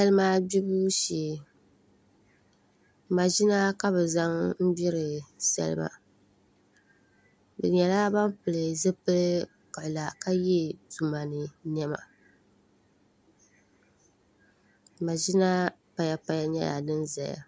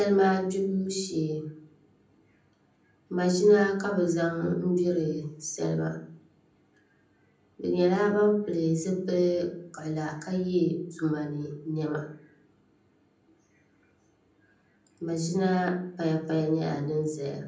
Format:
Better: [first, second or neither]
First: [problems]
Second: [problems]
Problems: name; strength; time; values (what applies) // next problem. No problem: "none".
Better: first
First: none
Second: room echo; dies away in 0.6 s